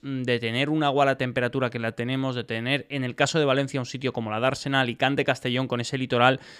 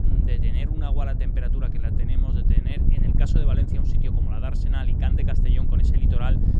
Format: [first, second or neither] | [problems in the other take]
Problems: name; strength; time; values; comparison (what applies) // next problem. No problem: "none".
first | wind noise on the microphone; heavy; 1 dB above the speech